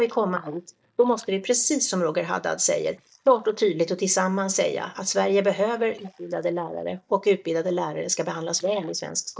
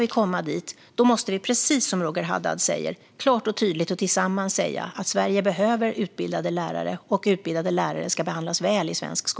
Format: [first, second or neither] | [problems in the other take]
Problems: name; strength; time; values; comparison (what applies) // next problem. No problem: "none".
second | noise reduction (neural mask model DeepFilterNet 3)